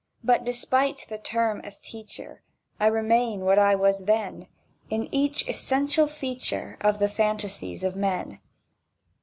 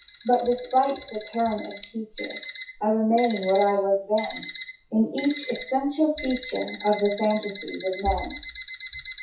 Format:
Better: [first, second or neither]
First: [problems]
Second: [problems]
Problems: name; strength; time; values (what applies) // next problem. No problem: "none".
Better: first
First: none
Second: noise reduction (classical method WPE with log-MMSE)